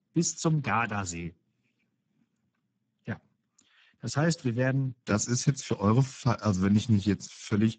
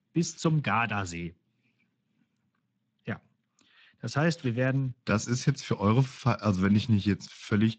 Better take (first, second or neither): second